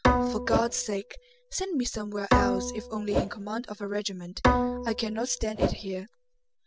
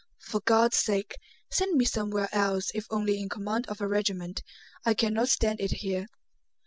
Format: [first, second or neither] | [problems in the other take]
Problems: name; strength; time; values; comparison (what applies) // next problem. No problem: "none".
second | background sound (Whoosh, swoosh, swish + Bowed string instrument); 3 dB above the speech